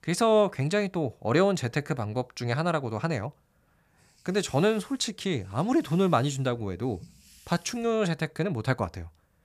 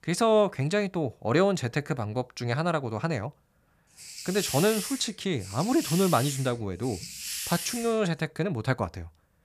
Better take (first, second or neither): first